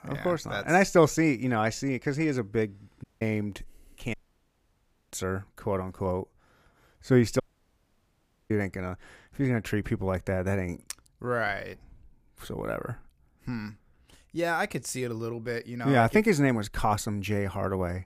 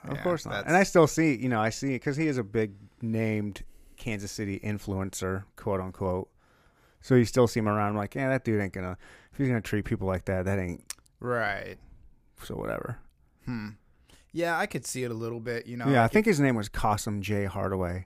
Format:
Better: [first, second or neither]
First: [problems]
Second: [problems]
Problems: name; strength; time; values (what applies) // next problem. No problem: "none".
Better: second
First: audio cutting out; at 3 s, at 4 s for 1 s and at 7.5 s for 1 s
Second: none